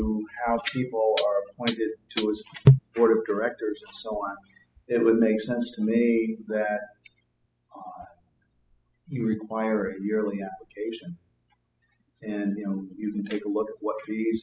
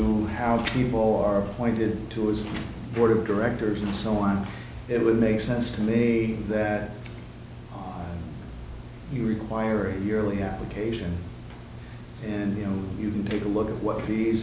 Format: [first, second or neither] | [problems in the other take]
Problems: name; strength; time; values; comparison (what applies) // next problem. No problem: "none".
second | noise reduction (classical method spectral subtraction)